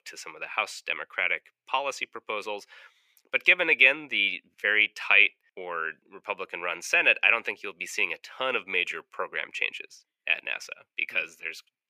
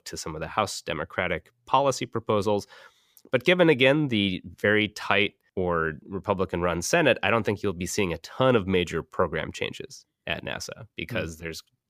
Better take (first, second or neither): second